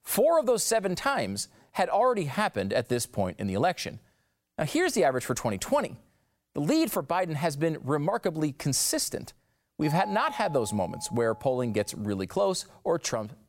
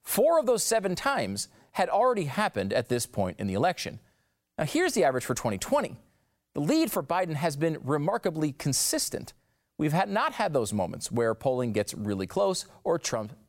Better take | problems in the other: second | doorbell; noticeable; from 10 to 12 s; peak 9 dB below the speech

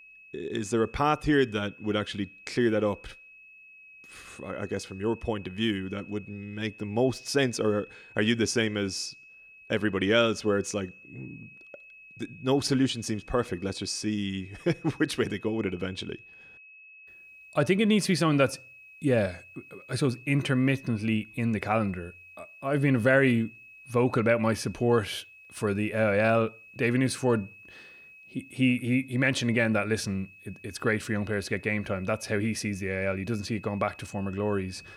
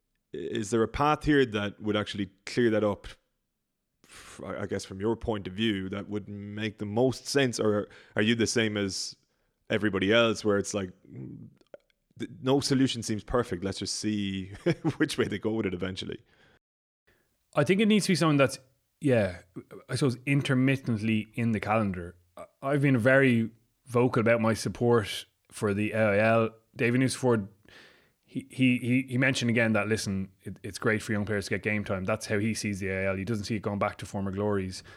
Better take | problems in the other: second | high-pitched whine; faint; throughout; 2.5 kHz, 20 dB below the speech

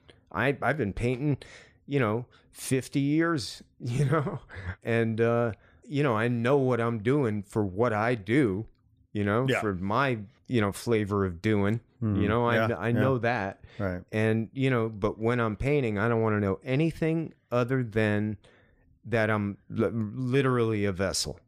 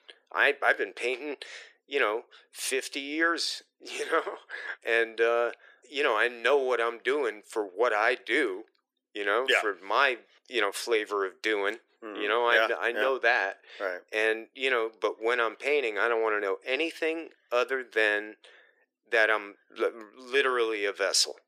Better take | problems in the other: first | thin; very; fading below 350 Hz

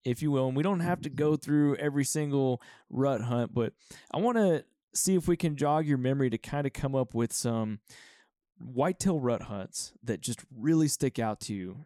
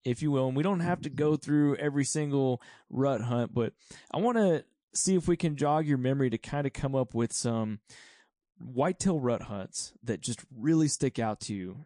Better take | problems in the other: first | garbled, watery; slightly; nothing above 8.5 kHz

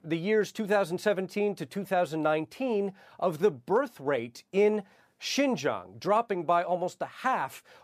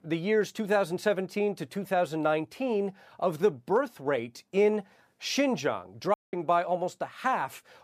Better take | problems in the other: first | audio cutting out; at 6 s

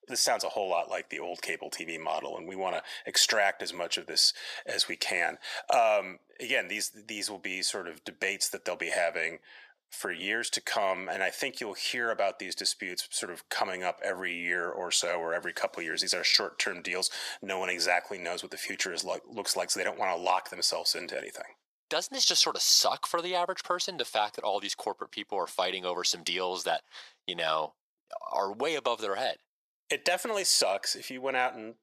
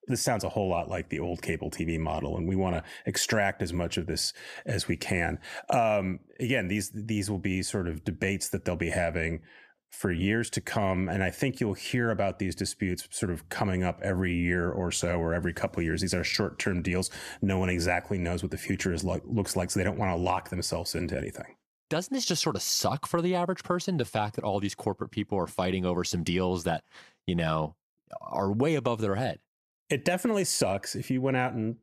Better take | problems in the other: second | thin; very; fading below 650 Hz

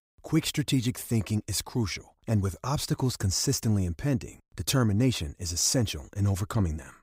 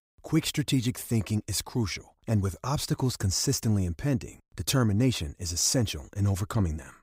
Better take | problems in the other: neither | none

